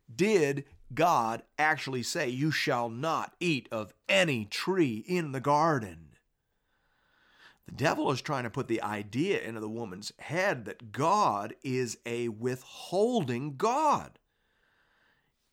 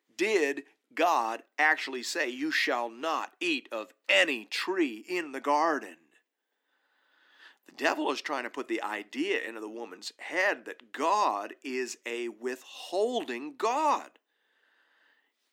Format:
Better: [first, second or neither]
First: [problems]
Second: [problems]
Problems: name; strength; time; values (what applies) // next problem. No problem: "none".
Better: first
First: none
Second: thin; very slightly; fading below 250 Hz